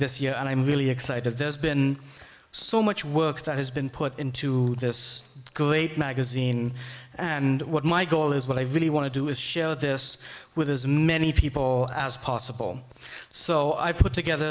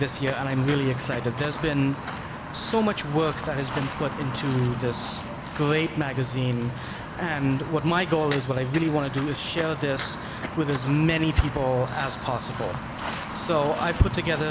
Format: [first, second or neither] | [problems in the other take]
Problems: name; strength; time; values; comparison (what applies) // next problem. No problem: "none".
first | background sound (Walk, footsteps); 8 dB below the speech